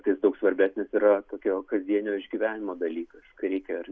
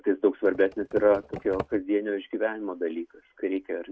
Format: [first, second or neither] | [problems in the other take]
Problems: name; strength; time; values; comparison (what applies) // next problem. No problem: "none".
first | noise reduction (neural mask model RNNoise)